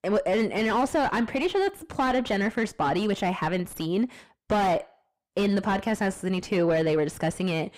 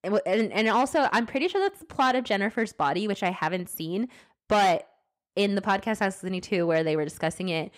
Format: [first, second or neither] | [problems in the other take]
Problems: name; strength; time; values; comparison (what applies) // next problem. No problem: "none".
second | distortion; heavy; 8 dB below the speech